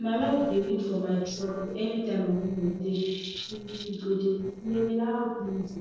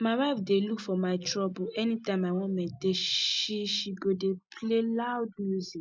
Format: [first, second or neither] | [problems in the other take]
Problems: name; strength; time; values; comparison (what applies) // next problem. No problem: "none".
second | noise reduction (neural separator model SepFormer DNS4)